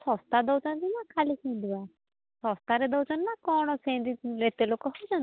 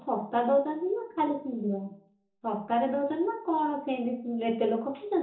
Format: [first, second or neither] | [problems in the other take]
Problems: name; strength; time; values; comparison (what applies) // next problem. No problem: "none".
first | room echo; dies away in 0.8 s